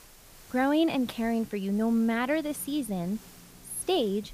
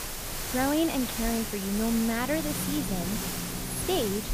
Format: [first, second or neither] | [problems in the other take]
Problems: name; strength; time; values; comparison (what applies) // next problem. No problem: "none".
first | hiss; loud; throughout; 2 dB below the speech; faint in the first